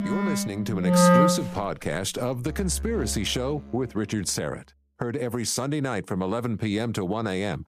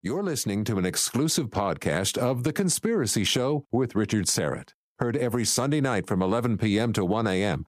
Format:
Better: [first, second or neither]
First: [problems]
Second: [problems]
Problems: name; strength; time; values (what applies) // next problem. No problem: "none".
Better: second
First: background music; very loud; until 3.5 s; 4 dB above the speech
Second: none